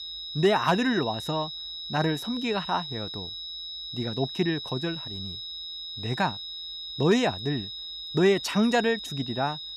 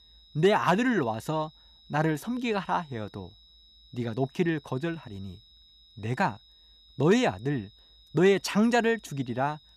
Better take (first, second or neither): second